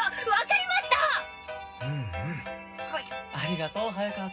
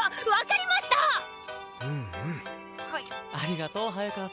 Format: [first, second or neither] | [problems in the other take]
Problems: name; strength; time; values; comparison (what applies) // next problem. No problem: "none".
second | room echo; dies away in 0.4 s